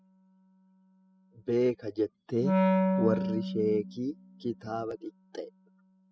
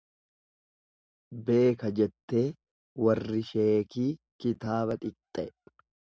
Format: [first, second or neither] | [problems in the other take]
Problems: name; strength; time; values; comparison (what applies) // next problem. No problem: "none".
second | noise reduction (classical method spectral subtraction)